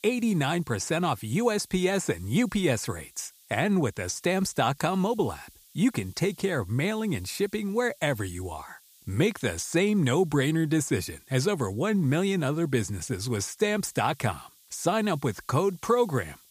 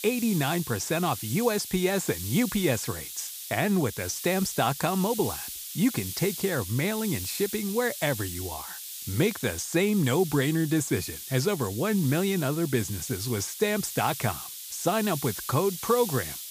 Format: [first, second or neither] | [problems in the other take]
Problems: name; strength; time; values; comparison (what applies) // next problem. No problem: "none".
first | hiss; loud; throughout; 8 dB below the speech; faint in the first